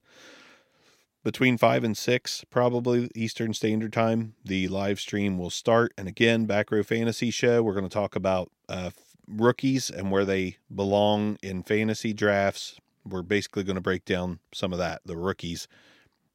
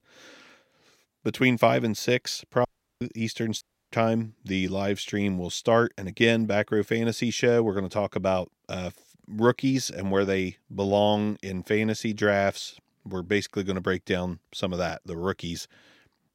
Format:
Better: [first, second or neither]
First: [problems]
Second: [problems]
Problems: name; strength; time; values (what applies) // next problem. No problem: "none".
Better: first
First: none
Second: audio cutting out; at 2.5 s and at 3.5 s